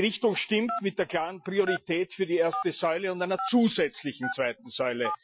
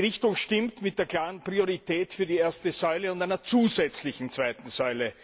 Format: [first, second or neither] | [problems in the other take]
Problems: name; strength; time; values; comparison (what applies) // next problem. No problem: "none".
second | noise reduction (classical method Wiener filter)